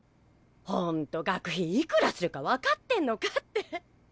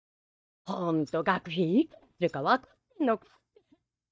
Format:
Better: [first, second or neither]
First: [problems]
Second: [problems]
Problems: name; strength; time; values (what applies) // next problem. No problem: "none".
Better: first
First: none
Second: noise reduction (neural mask model DeepFilterNet 3)